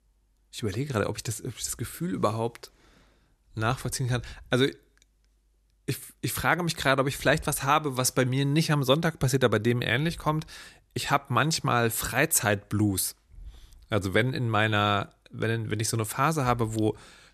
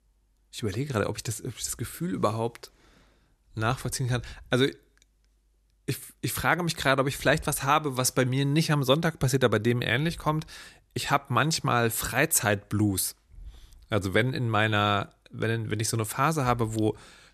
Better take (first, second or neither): neither